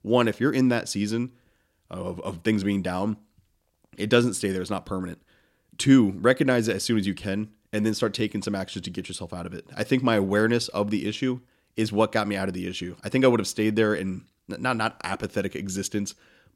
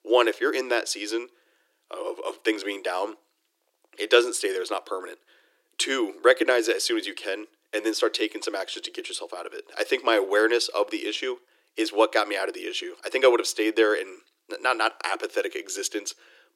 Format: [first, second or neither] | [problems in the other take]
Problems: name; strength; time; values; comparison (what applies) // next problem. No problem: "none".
first | thin; very; fading below 350 Hz